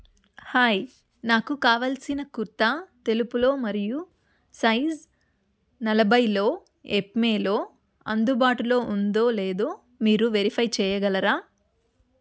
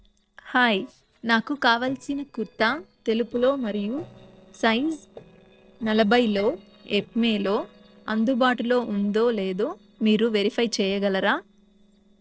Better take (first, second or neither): first